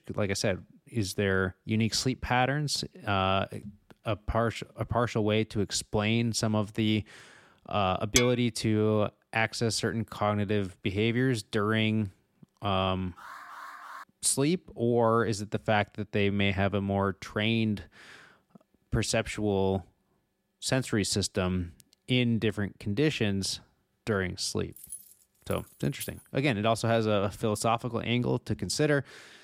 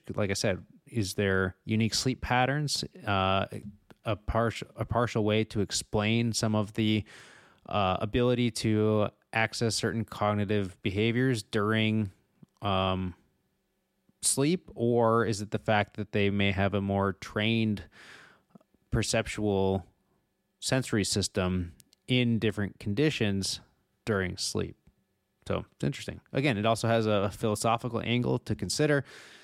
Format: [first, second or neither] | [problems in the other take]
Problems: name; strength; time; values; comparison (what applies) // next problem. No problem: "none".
second | clattering dishes; loud; at 8 s; peak 2 dB above the speech // alarm; faint; at 13 s; peak 15 dB below the speech // jangling keys; faint; from 25 to 26 s; peak 15 dB below the speech